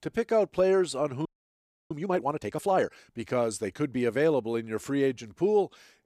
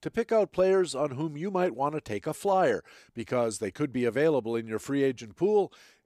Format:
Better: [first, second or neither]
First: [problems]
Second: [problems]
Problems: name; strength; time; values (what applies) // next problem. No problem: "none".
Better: second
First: audio freezing; at 1.5 s for 0.5 s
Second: none